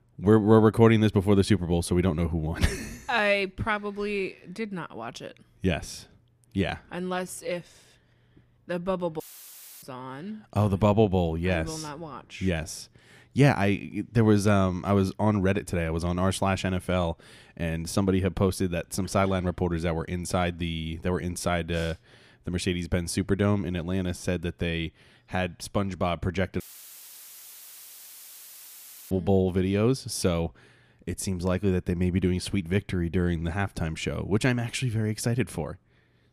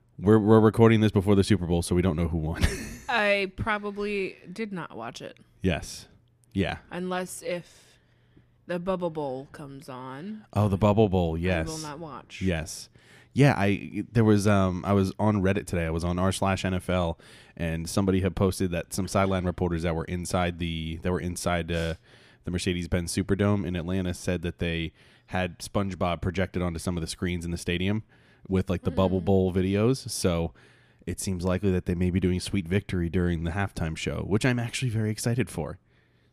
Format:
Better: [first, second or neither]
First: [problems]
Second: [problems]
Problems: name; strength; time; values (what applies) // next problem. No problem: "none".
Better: second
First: audio cutting out; filled with static; at 9 s for 0.5 s and at 27 s for 2.5 s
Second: none